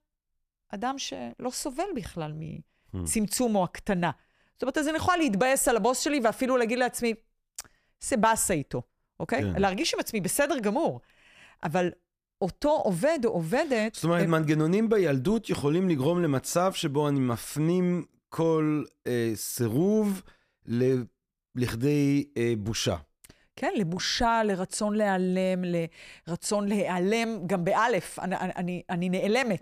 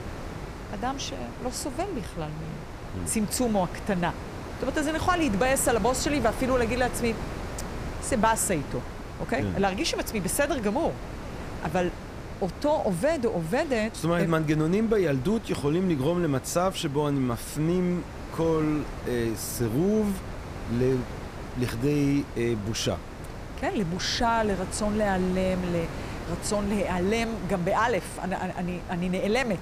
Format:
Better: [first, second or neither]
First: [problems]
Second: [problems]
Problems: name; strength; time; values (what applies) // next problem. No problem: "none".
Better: first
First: none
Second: wind noise on the microphone; occasional gusts; 10 dB below the speech